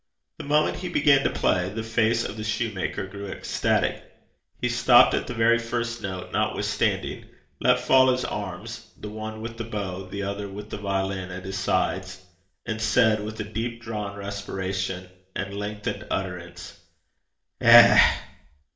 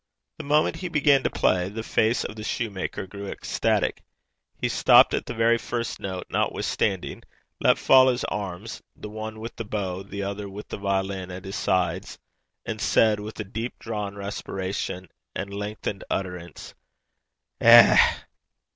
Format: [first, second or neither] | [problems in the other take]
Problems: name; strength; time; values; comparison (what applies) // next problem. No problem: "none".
second | room echo; dies away in 0.5 s